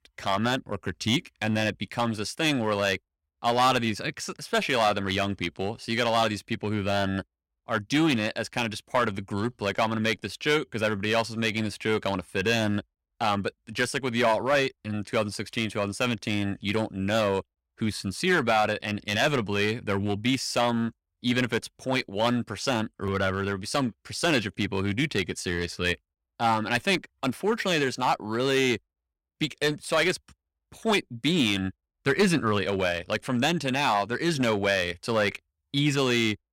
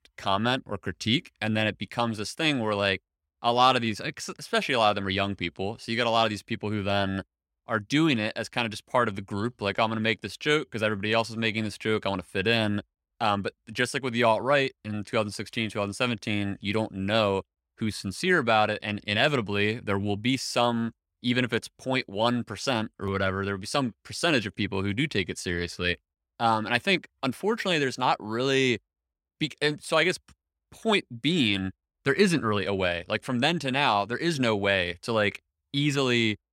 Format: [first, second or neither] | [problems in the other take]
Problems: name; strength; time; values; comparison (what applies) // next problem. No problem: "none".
second | distortion; slight; 3% of the sound clipped